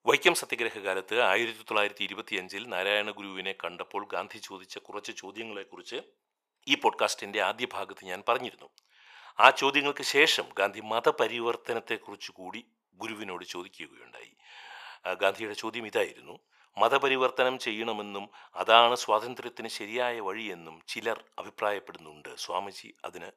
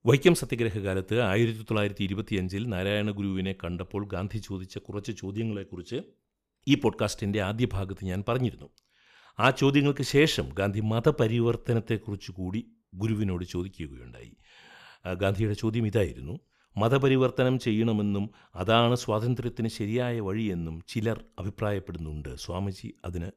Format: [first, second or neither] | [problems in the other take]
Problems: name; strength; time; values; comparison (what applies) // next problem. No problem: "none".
second | thin; very; fading below 650 Hz